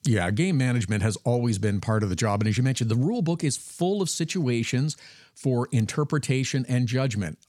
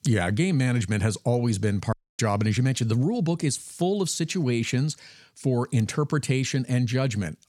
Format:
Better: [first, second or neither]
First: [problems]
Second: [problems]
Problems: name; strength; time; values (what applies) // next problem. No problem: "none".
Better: first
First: none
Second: audio cutting out; at 2 s